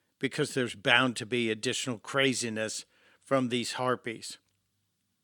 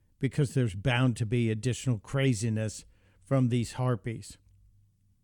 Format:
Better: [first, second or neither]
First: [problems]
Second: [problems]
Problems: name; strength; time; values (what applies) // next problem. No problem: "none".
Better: second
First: thin; somewhat; fading below 300 Hz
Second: none